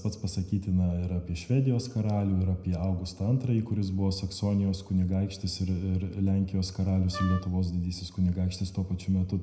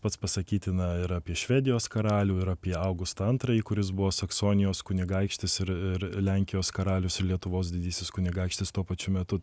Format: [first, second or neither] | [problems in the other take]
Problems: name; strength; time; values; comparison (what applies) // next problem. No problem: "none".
second | background sound (Wind instrument, woodwind instrument); 12 dB below the speech // room echo; dies away in 0.8 s